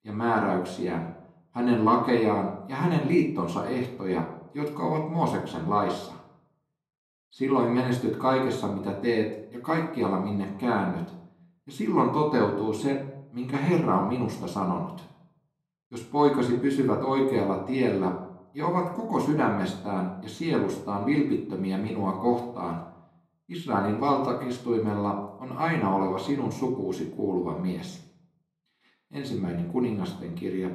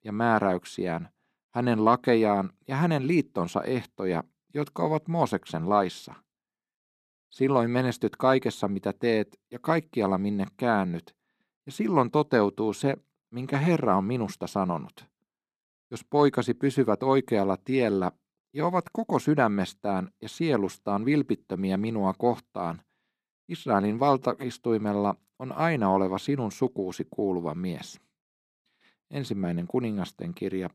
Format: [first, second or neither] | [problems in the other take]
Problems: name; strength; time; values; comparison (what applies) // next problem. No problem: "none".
second | off-mic speech; far // room echo; slight; dies away in 0.5 s